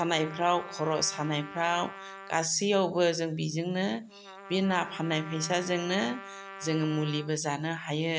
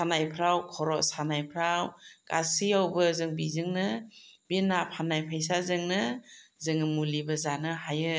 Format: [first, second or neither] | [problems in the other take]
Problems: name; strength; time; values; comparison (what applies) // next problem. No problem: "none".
second | background sound (Trumpet); 16 dB below the speech